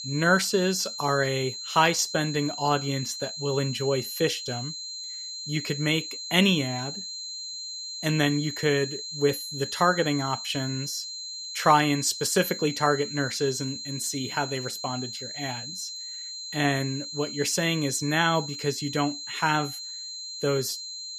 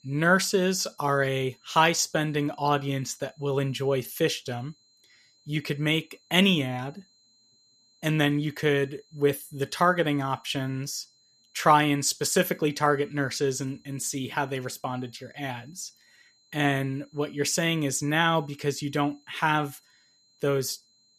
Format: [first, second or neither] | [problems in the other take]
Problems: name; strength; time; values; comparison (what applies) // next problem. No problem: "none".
second | high-pitched whine; loud; throughout; 4 kHz, 8 dB below the speech; faint in the second